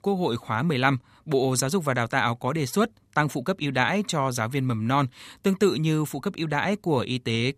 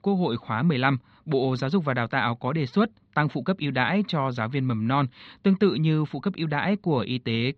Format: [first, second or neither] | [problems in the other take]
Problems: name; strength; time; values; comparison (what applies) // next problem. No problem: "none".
first | muffled; very slightly; fading above 4 kHz